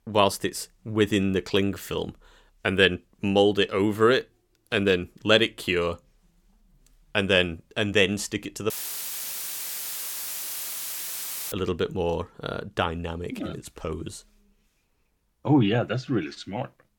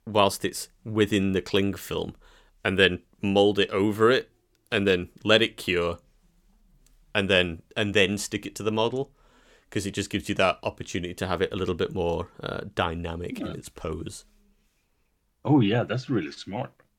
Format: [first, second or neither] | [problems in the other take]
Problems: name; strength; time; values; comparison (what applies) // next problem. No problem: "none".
second | audio cutting out; filled with static; at 8.5 s for 3 s